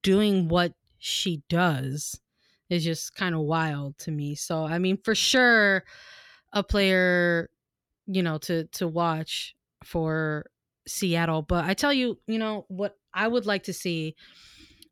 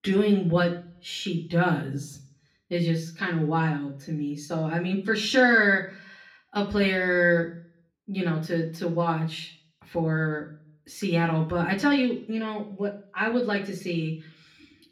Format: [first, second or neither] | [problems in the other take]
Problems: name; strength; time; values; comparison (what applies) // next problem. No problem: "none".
first | room echo; slight; dies away in 0.4 s // off-mic speech; far